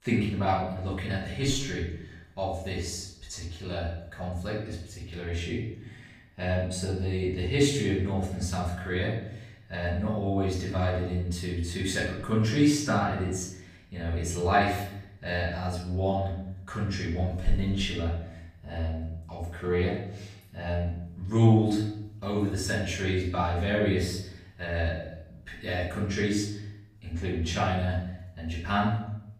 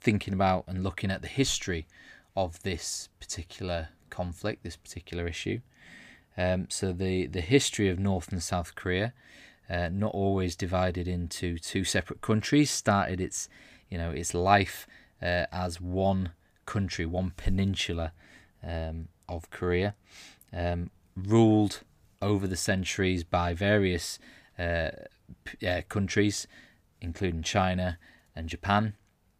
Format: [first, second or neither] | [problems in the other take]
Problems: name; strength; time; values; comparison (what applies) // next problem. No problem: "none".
second | off-mic speech; far // room echo; noticeable; dies away in 0.8 s